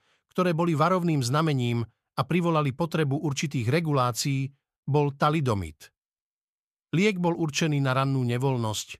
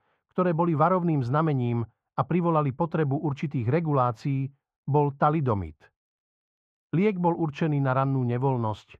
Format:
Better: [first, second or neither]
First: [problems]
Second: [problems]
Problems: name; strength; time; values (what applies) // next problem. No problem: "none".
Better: first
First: none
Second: muffled; very; fading above 3.5 kHz